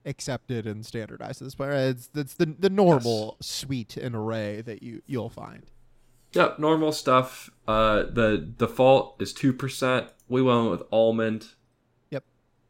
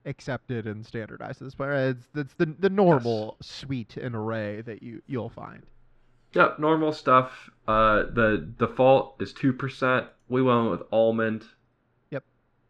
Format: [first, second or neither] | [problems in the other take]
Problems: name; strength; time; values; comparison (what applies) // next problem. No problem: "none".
first | muffled; slightly; fading above 3 kHz